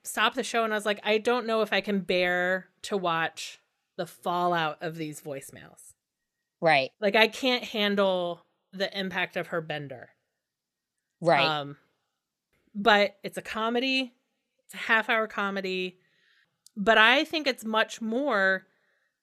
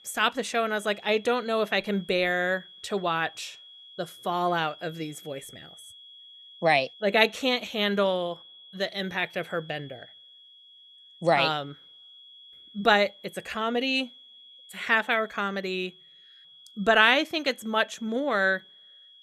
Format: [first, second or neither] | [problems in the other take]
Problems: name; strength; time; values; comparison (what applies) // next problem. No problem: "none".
first | high-pitched whine; faint; throughout; 3.5 kHz, 20 dB below the speech